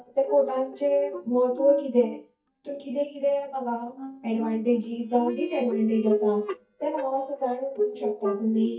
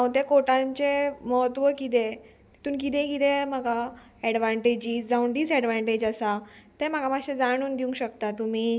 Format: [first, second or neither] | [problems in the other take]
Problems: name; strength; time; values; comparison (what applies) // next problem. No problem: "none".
second | noise reduction (neural mask model DeepFilterNet 3)